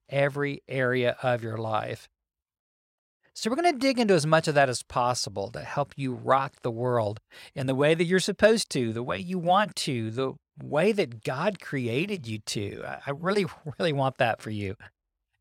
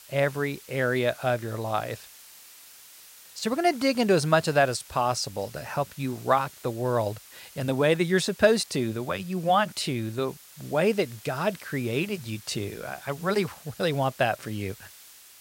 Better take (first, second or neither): first